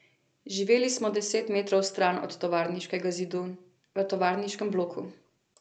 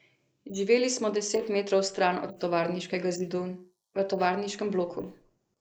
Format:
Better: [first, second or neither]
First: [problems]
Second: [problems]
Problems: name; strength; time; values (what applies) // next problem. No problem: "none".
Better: first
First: none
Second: noise reduction (neural mask model Resemble Enhance denoiser)